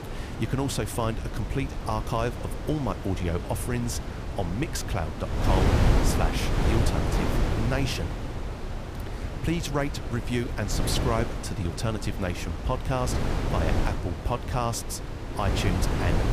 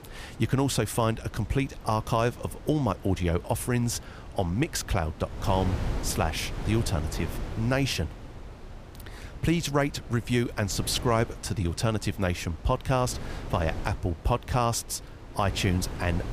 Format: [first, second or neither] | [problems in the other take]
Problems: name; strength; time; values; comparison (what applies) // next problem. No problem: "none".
second | wind noise on the microphone; heavy; 3 dB below the speech; occasional gusts in the second